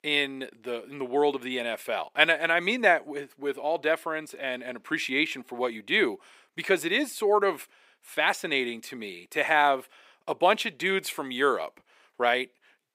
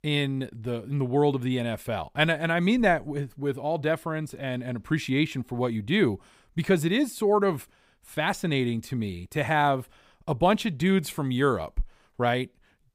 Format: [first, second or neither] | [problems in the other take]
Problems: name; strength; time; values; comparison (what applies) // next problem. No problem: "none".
second | thin; somewhat; fading below 350 Hz